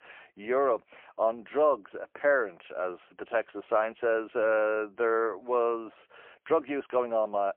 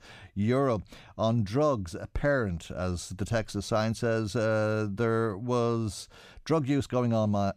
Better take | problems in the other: second | phone-call audio; poor line

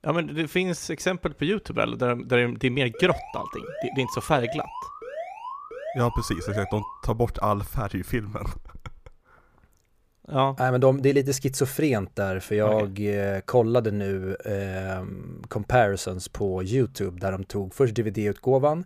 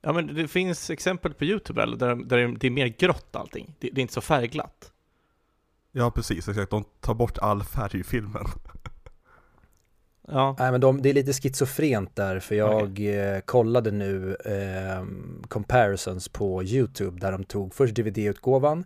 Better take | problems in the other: second | alarm; noticeable; from 3 to 7 s; peak 10 dB below the speech

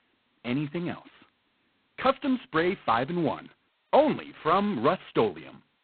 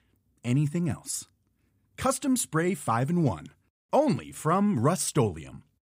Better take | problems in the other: second | phone-call audio; poor line; nothing above 4 kHz

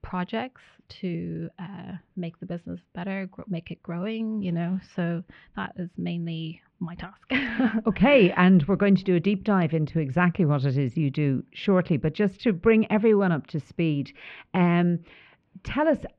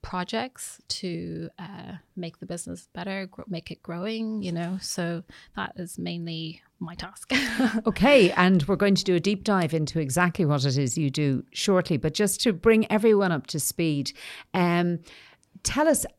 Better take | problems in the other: second | muffled; very; fading above 3 kHz

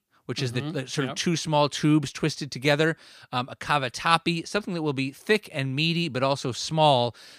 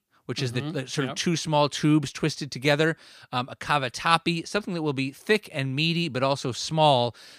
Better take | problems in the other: neither | none

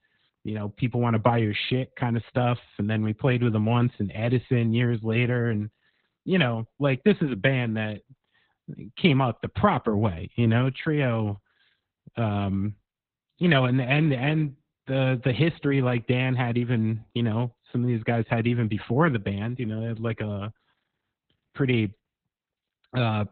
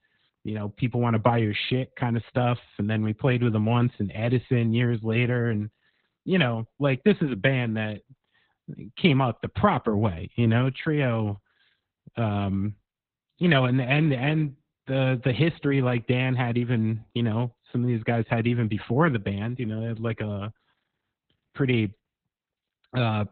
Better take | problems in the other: neither | garbled, watery; badly; nothing above 4 kHz; the same in both

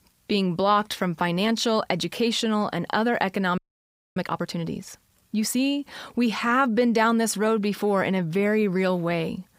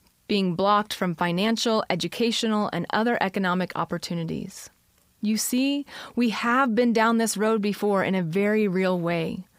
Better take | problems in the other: second | audio freezing; at 3.5 s for 0.5 s

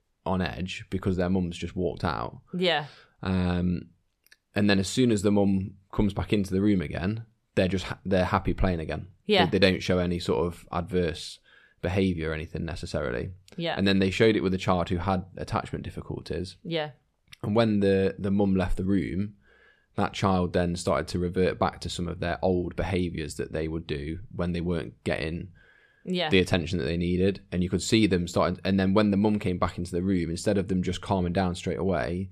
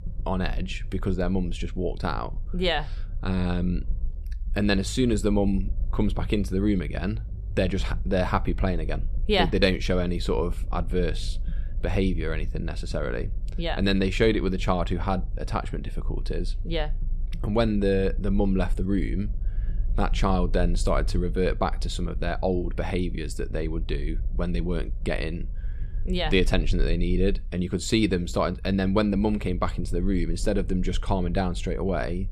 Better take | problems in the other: first | low rumble; faint; throughout; 25 dB below the speech

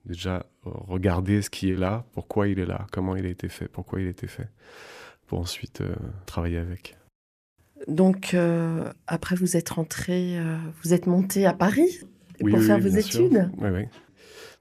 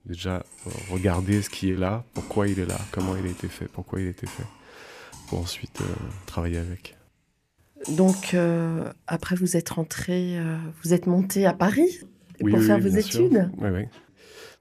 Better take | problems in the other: first | keyboard typing; noticeable; from 0.5 to 8.5 s; peak 10 dB below the speech

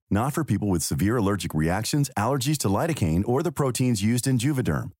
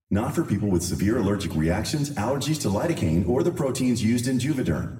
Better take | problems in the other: first | room echo; slight; dies away in 0.8 s // off-mic speech; somewhat distant

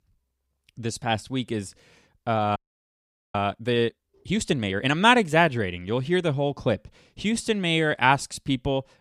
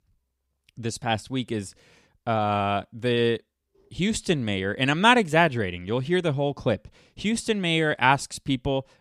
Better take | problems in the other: second | audio freezing; at 2.5 s for 1 s

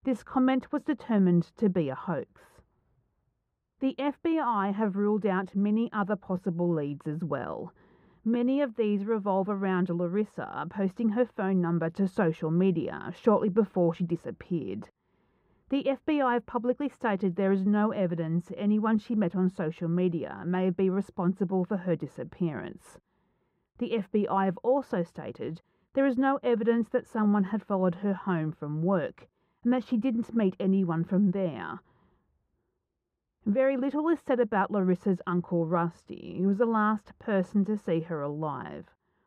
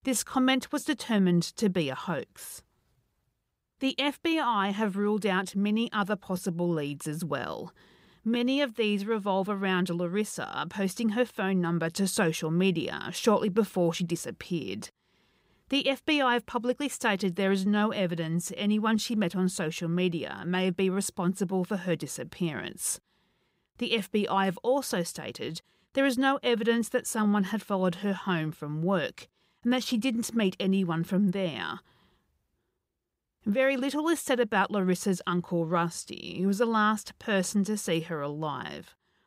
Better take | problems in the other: second | muffled; very; fading above 3 kHz

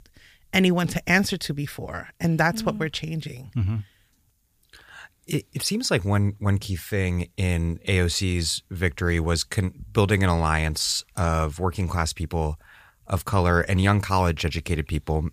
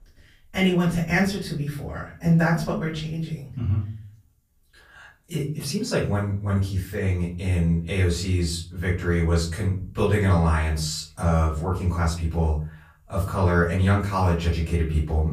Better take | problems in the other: first | off-mic speech; far // room echo; noticeable; dies away in 0.4 s

